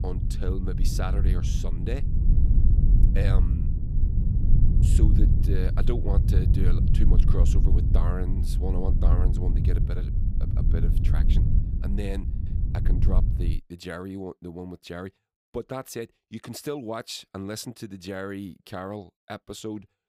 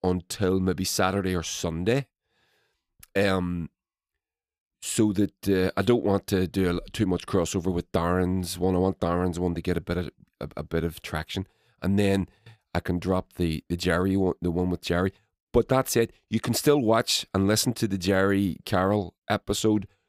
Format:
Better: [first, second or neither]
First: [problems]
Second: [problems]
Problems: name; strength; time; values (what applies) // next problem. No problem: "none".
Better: second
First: low rumble; loud; until 14 s; 3 dB below the speech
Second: none